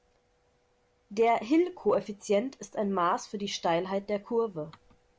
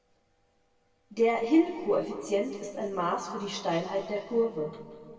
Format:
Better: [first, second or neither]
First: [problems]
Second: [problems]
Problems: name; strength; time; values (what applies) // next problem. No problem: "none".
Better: first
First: none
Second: room echo; dies away in 2.3 s